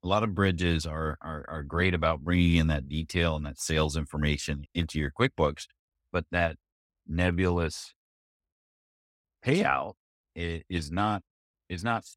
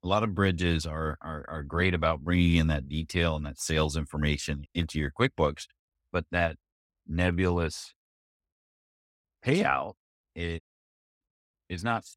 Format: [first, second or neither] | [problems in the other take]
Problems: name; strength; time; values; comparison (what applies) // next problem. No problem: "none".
first | audio cutting out; at 11 s for 0.5 s